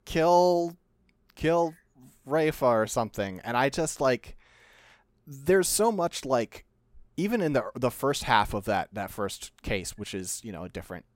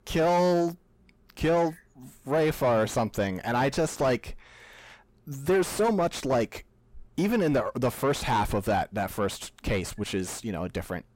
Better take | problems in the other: first | distortion; heavy; 7 dB below the speech

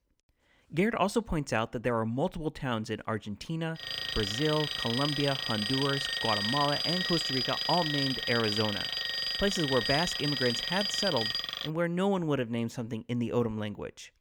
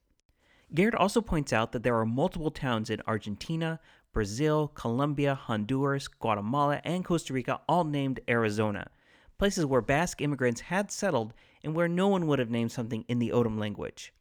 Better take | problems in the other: second | alarm; loud; from 4 to 12 s; peak 3 dB above the speech

